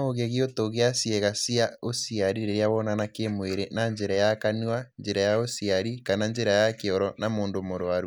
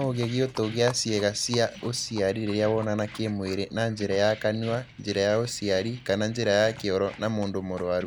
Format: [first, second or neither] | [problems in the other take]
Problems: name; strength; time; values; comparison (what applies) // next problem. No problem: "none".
first | background sound (Livestock, farm animals, working animals + Keys jangling); 18 dB below the speech